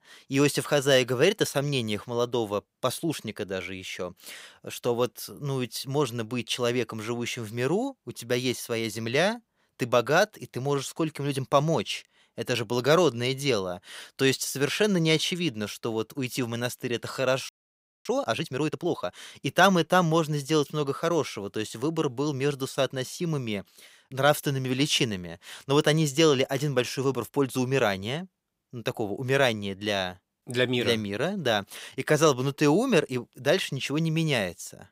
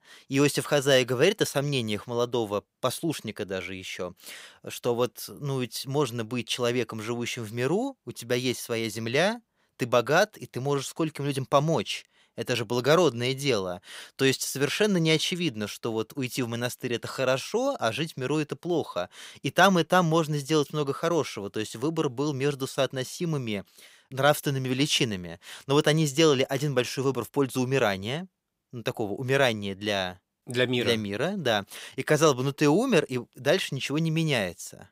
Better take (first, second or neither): second